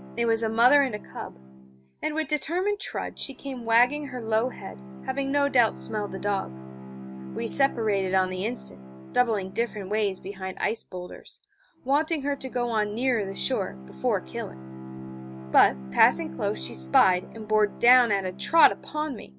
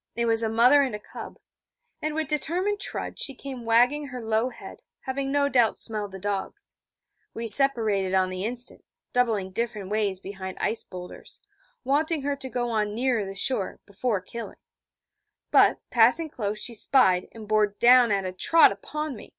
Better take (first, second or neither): second